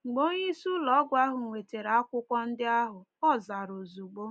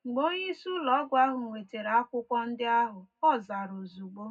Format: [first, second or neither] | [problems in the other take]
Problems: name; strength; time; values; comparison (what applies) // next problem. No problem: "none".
first | room echo; dies away in 0.3 s